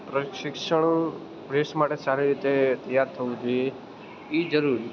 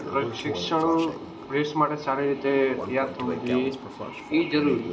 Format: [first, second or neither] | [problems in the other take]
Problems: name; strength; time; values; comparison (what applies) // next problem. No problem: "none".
first | background sound (Toilet flush); 11 dB below the speech // room echo; dies away in 0.5 s